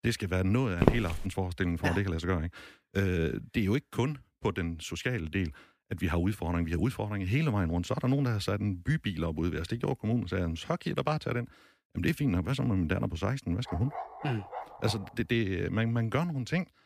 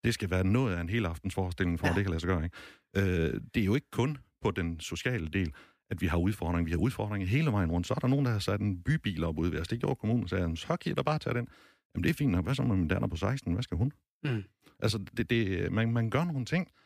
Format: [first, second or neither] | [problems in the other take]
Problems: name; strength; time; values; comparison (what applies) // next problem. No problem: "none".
second | footsteps; loud; at 1 s; peak 4 dB above the speech // dog barking; noticeable; from 14 to 15 s; peak 9 dB below the speech